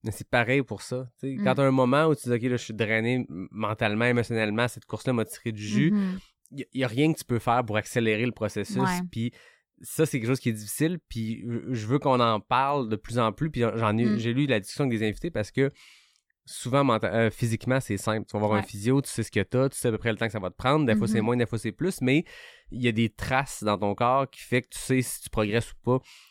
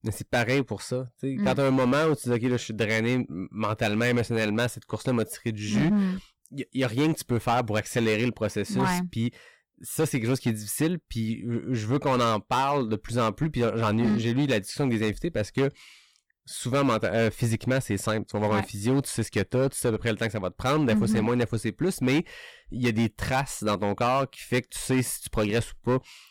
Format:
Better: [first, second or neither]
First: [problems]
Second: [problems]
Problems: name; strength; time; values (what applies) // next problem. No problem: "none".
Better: first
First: none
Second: distortion; slight; 8% of the sound clipped